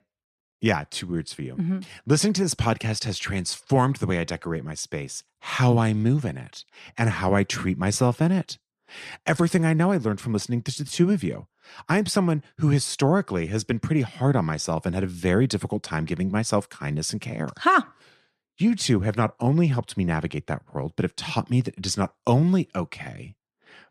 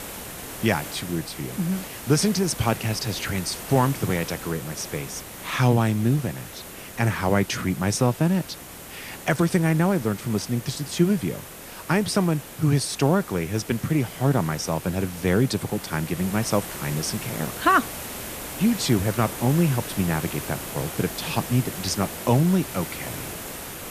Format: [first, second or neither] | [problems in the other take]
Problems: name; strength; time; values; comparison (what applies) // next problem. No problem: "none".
first | hiss; noticeable; throughout; 10 dB below the speech